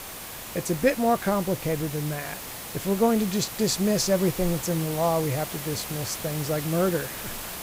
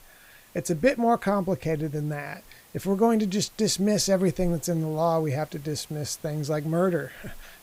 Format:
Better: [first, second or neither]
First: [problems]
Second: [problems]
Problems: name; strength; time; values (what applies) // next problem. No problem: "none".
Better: second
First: hiss; loud; throughout; 8 dB below the speech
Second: hiss; faint; throughout; 25 dB below the speech